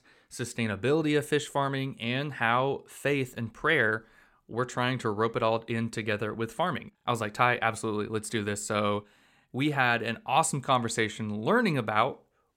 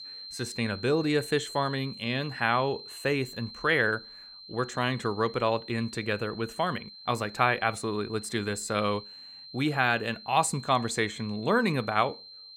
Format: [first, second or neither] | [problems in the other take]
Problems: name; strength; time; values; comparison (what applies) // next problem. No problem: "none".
first | high-pitched whine; noticeable; throughout; 4 kHz, 15 dB below the speech